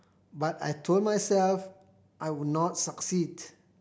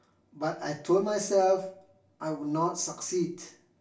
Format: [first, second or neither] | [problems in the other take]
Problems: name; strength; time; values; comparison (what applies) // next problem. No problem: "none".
first | room echo; dies away in 0.3 s